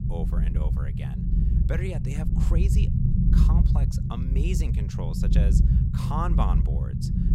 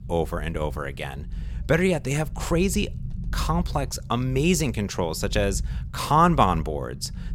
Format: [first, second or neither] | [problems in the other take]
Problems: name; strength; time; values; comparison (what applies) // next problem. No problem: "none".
second | low rumble; loud; throughout; 1 dB below the speech; faint in the second